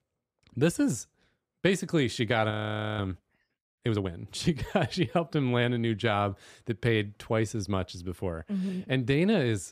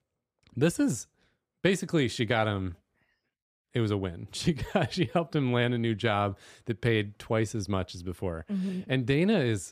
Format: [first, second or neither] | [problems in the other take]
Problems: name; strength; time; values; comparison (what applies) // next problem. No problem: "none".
second | audio freezing; at 2.5 s